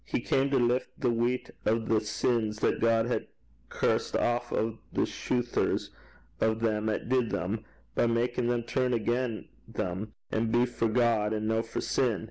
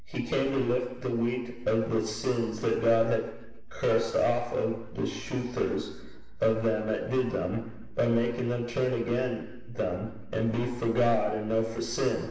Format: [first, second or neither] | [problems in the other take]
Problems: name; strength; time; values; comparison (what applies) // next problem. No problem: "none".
first | room echo; dies away in 1 s